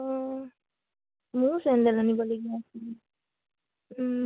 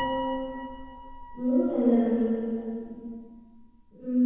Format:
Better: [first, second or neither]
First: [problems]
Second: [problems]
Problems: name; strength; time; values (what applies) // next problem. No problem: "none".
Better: first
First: none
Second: background sound (Piano); 13 dB below the speech // room echo; dies away in 2 s